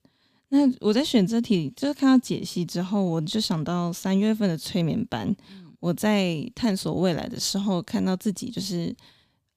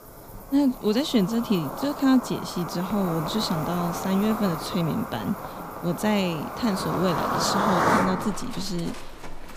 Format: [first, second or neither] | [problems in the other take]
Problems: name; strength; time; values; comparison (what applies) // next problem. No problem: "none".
first | animal sounds; loud; throughout; 4 dB below the speech